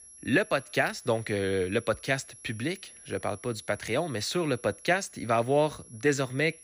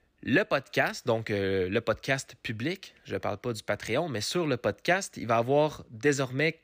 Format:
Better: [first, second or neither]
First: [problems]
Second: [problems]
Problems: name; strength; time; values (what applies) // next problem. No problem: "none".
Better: second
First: high-pitched whine; noticeable; throughout; 11 kHz, 20 dB below the speech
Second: none